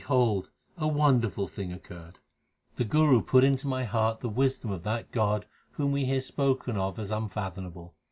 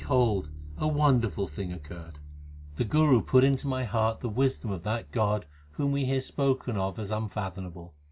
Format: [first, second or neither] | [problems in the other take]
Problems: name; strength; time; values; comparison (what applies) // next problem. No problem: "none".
first | background sound (Bass guitar); 15 dB below the speech